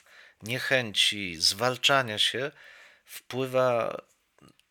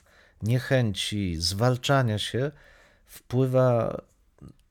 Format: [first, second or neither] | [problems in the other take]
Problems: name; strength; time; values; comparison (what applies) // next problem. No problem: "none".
second | thin; somewhat; fading below 850 Hz